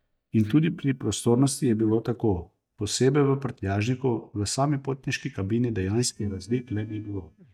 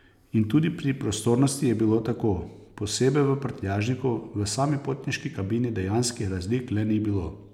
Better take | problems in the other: second | noise reduction (neural mask model DeepFilterNet 3)

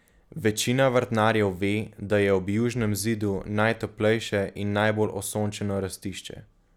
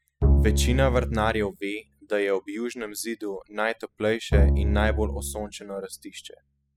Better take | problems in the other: first | noise reduction (classical method spectral subtraction)

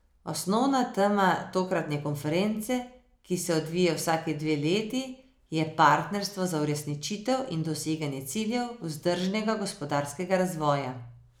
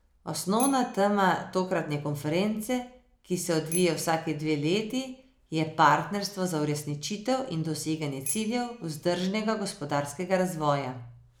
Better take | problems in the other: first | background sound (Bicycle bell); 16 dB below the speech

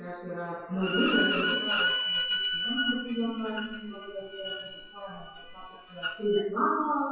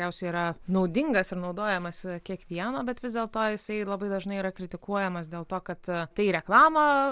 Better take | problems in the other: second | noise reduction (classical method WPE with log-MMSE)

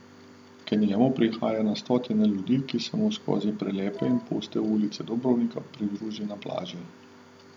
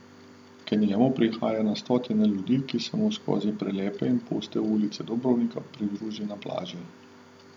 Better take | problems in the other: second | background sound (Wind instrument, woodwind instrument); 17 dB below the speech

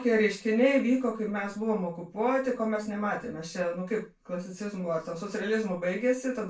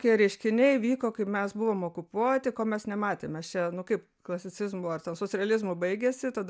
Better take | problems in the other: second | room echo; dies away in 0.2 s

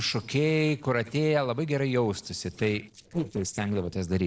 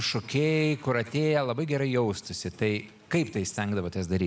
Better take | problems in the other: second | noise reduction (neural separator model SepFormer DNS4)

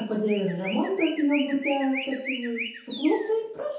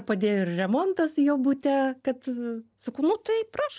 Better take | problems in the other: second | background sound (Chirp, tweet); 11 dB below the speech // room echo; dies away in 0.6 s

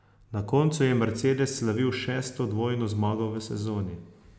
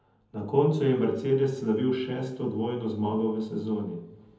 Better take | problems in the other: first | room echo; dies away in 0.7 s

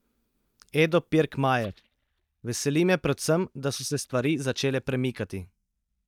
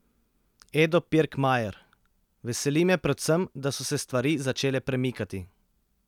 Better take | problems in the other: second | noise reduction (neural mask model DeepFilterNet 3)

